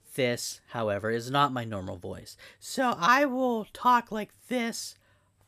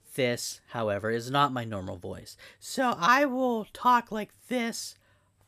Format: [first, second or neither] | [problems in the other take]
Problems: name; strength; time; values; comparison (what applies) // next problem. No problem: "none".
neither | none